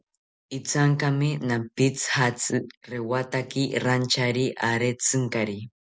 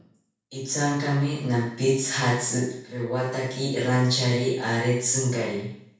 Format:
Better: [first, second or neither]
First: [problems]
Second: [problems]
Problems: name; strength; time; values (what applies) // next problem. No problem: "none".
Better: first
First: none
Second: room echo; dies away in 0.7 s